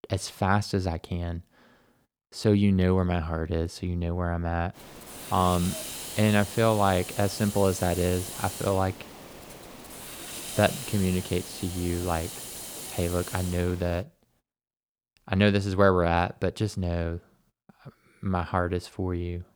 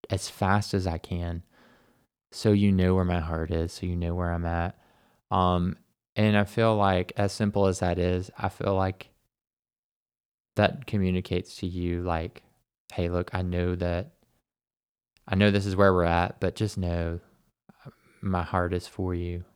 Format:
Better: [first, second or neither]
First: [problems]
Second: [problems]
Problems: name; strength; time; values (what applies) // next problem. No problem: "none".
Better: second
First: hiss; loud; from 5 to 14 s; 10 dB below the speech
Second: none